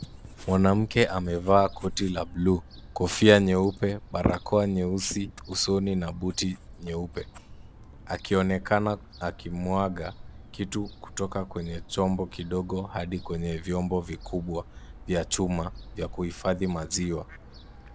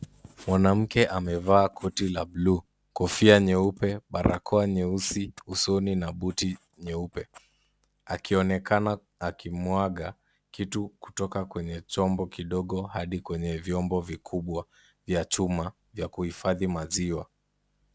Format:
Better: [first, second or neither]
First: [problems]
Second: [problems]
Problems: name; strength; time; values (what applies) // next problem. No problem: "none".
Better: second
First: background sound (Gull, seagull / Fowl); 16 dB below the speech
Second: none